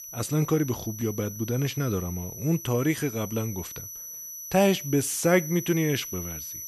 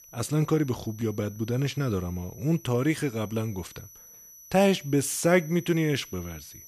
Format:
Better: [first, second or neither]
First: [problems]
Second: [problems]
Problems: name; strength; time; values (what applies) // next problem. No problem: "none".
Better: second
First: high-pitched whine; loud; throughout; 6 kHz, 10 dB below the speech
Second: high-pitched whine; faint; throughout; 6 kHz, 20 dB below the speech